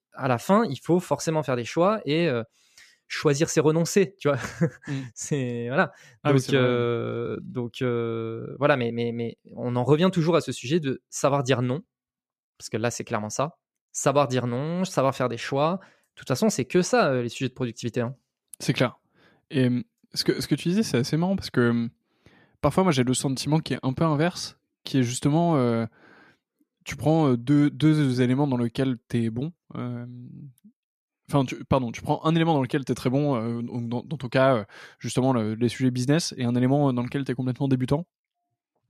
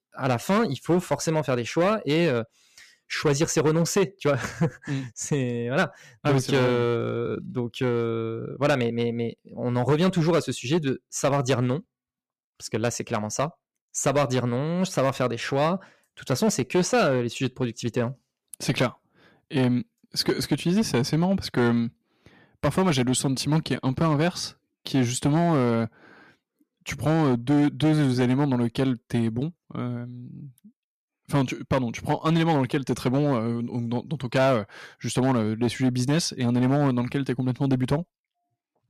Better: first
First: none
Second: distortion; slight; 6% of the sound clipped

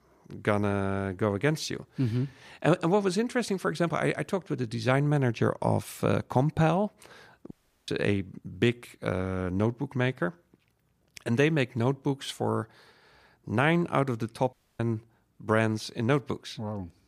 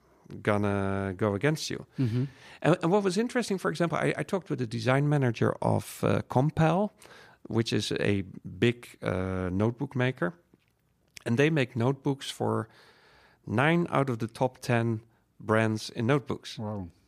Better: second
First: audio cutting out; at 7.5 s and at 15 s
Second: none

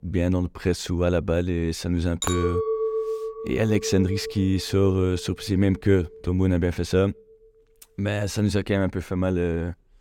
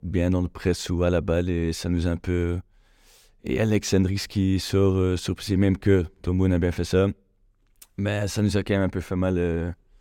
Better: second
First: clattering dishes; noticeable; from 2 to 5.5 s; peak 1 dB below the speech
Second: none

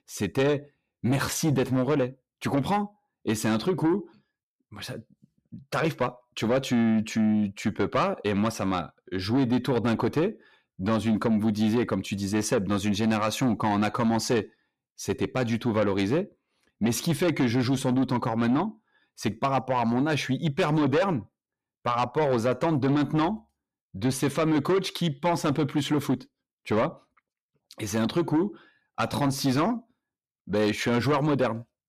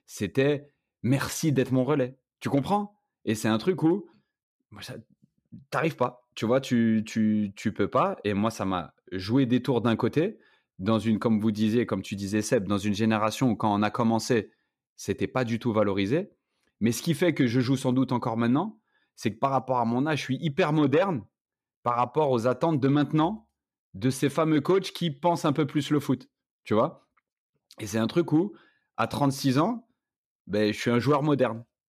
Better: second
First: distortion; slight; 10 dB below the speech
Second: none

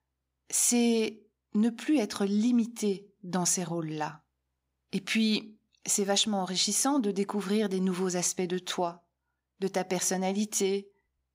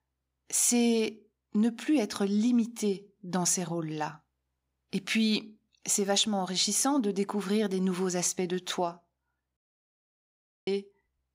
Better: first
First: none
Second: audio cutting out; at 9.5 s for 1 s

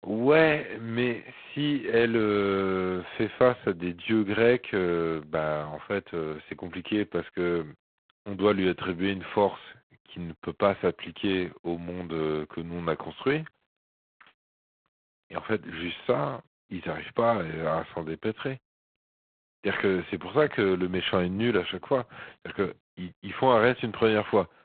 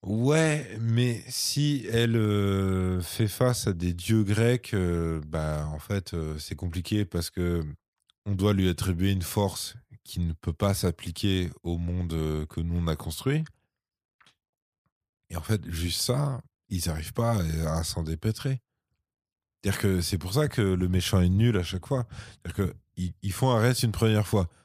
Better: second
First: phone-call audio; poor line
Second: none

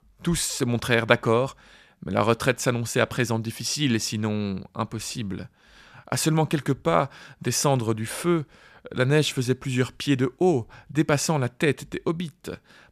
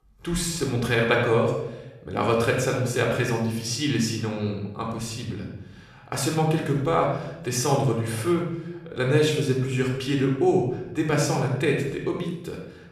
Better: first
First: none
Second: room echo; noticeable; dies away in 0.8 s // off-mic speech; somewhat distant

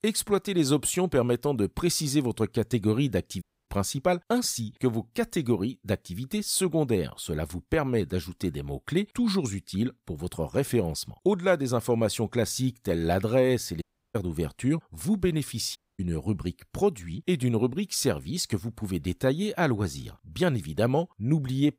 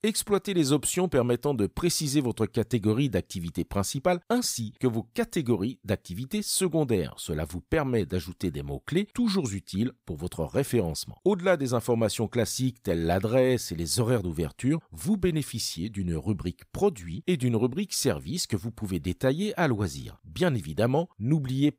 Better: second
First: audio cutting out; at 3.5 s, at 14 s and at 16 s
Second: none

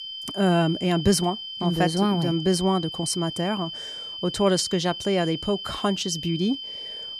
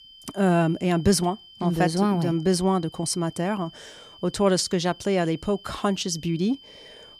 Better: second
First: high-pitched whine; loud; throughout; 3 kHz, 8 dB below the speech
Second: high-pitched whine; faint; throughout; 3 kHz, 20 dB below the speech

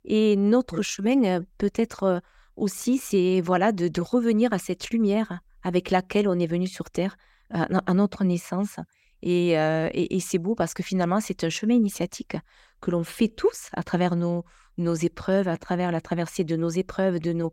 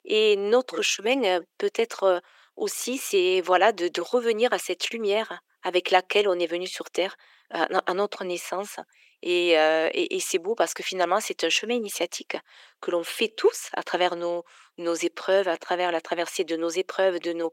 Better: first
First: none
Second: thin; very; fading below 350 Hz

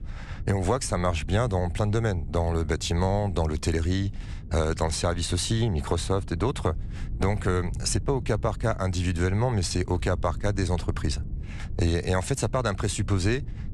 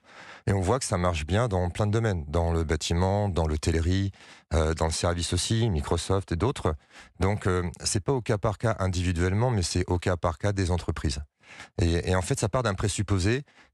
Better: second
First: low rumble; faint; throughout; 20 dB below the speech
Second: none

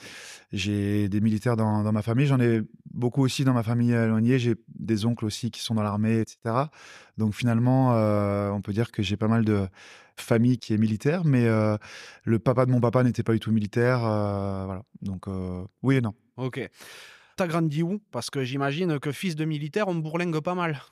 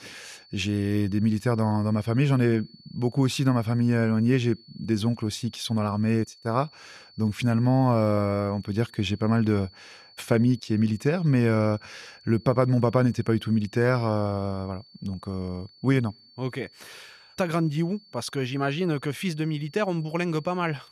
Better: first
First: none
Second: high-pitched whine; faint; throughout; 4.5 kHz, 25 dB below the speech

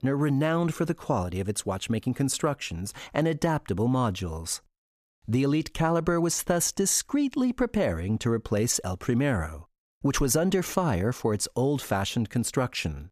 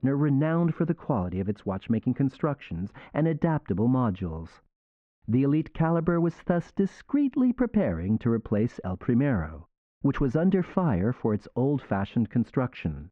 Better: first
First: none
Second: muffled; very; fading above 2 kHz

